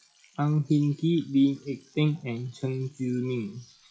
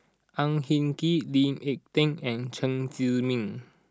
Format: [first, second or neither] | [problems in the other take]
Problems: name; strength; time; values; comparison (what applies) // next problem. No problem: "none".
second | noise reduction (classical method WPE with log-MMSE)